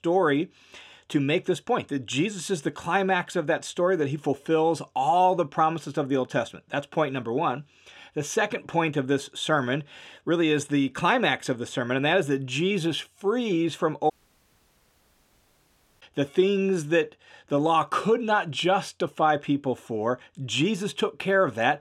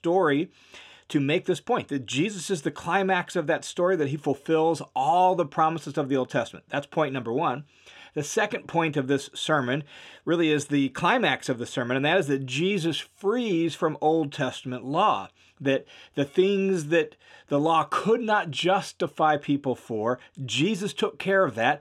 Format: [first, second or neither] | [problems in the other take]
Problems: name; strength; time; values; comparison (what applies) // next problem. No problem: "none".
second | audio cutting out; at 14 s for 2 s